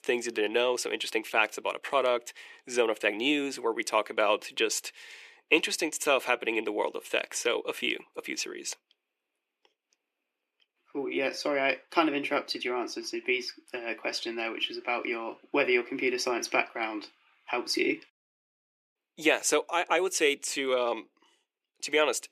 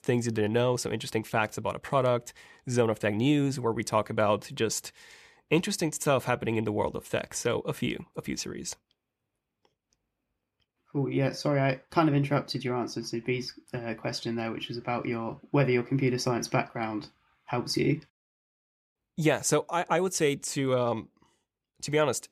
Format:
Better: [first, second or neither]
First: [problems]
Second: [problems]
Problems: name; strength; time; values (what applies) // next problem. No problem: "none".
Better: second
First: thin; somewhat; fading below 350 Hz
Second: none